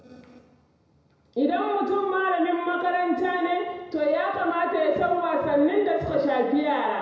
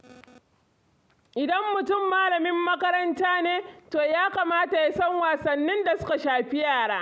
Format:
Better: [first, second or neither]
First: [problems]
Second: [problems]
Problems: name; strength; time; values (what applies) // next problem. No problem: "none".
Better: second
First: room echo; dies away in 1 s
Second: none